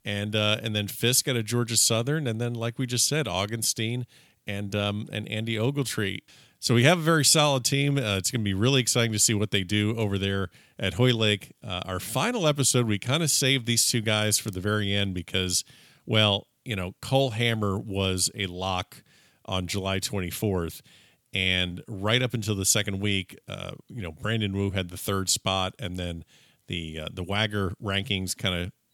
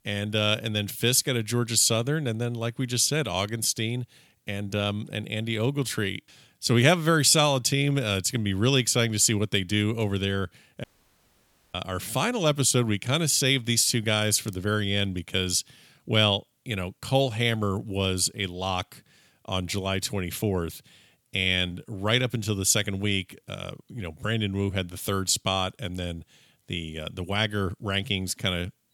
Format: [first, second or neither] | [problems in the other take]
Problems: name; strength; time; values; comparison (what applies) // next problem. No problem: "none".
first | audio cutting out; at 11 s for 1 s